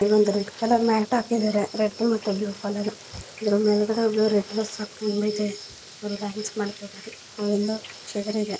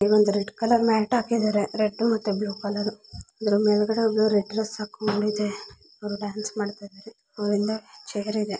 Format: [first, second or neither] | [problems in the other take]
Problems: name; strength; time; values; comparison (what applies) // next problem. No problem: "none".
second | noise reduction (neural mask model Resemble Enhance denoiser)